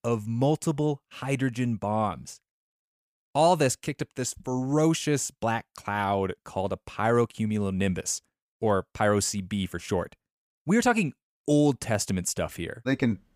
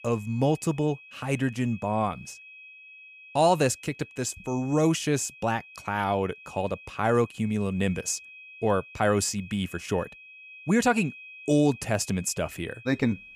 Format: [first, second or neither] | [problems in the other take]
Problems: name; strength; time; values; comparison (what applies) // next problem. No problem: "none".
first | high-pitched whine; noticeable; throughout; 2.5 kHz, 20 dB below the speech